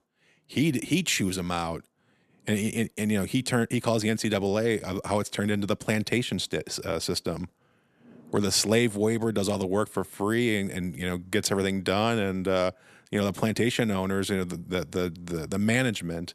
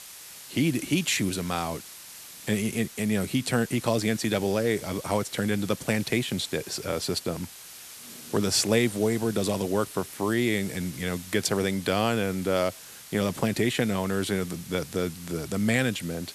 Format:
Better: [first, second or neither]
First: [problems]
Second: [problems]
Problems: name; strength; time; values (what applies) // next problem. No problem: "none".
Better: first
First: none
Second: hiss; noticeable; throughout; 15 dB below the speech